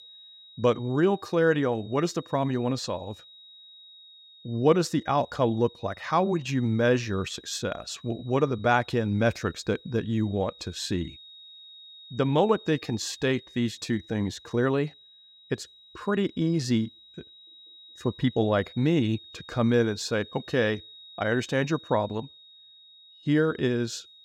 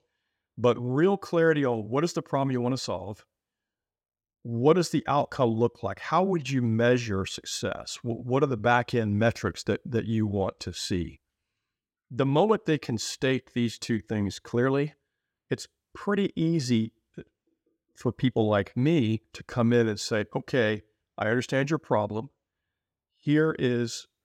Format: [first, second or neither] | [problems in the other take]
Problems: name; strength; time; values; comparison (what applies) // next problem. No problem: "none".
second | high-pitched whine; faint; throughout; 4 kHz, 20 dB below the speech